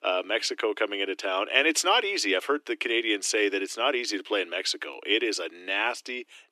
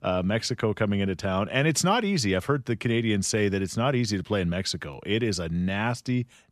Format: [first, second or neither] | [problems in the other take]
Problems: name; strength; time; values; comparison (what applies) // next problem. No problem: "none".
second | thin; very; fading below 300 Hz